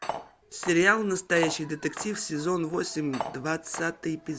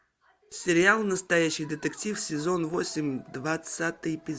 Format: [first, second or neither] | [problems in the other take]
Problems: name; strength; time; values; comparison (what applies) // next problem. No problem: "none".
second | background sound (Cutlery, silverware); 11 dB below the speech